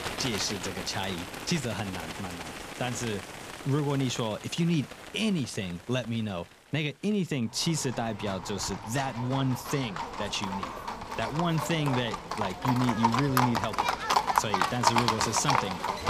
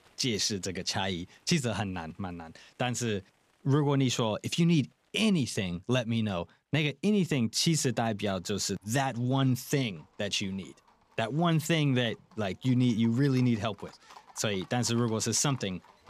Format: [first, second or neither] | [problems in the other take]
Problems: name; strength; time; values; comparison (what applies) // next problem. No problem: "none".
second | animal sounds; loud; throughout; 1 dB below the speech; faint in the second